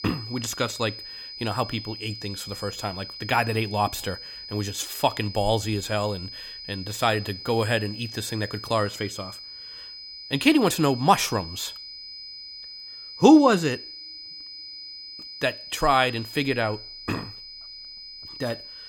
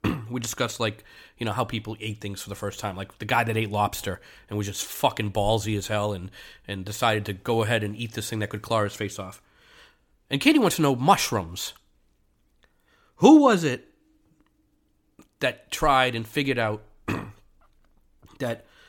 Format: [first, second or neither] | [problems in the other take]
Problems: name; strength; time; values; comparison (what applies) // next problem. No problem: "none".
second | high-pitched whine; noticeable; throughout; 5 kHz, 10 dB below the speech